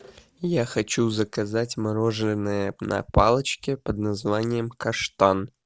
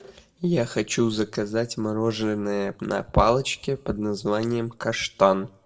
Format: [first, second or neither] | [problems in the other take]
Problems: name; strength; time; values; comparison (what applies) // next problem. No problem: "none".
first | room echo; dies away in 0.3 s